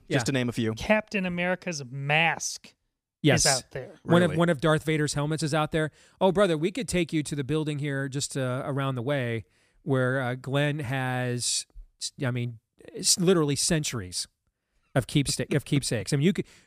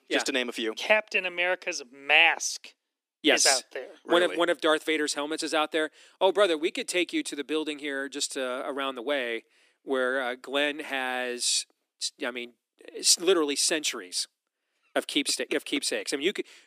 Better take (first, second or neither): first